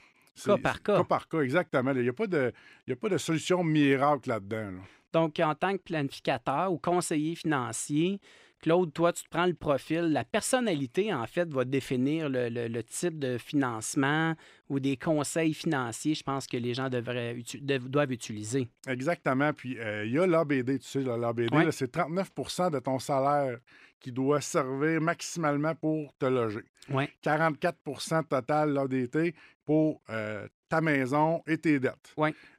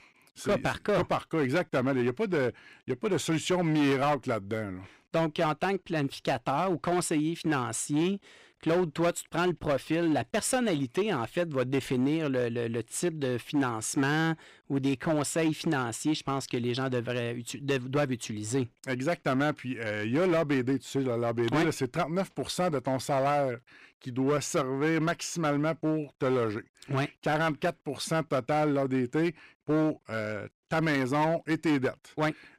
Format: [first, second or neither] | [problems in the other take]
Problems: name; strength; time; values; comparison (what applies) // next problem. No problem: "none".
first | distortion; slight; 8% of the sound clipped